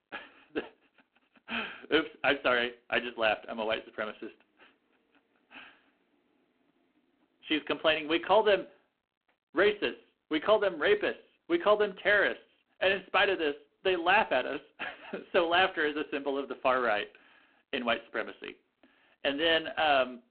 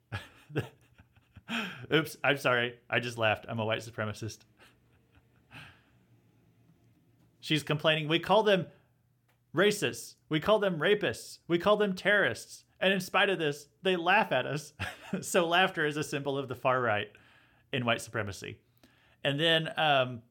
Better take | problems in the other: second | phone-call audio; poor line

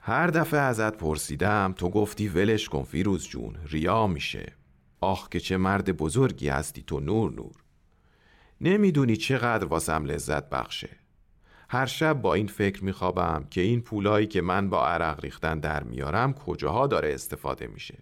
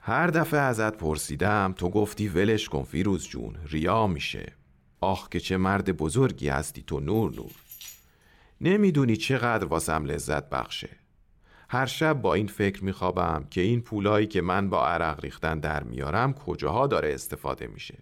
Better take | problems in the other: first | jangling keys; faint; at 7 s; peak 15 dB below the speech

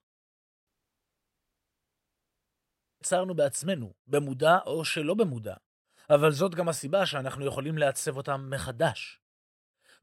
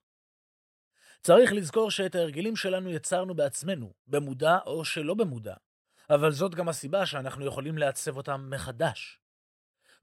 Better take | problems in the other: second | audio cutting out; at 0.5 s for 2.5 s

